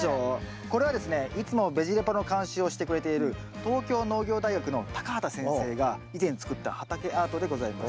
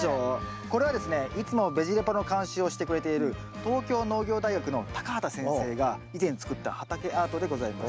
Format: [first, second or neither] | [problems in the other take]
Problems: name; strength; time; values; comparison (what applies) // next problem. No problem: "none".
first | background sound (Wind chime); 19 dB below the speech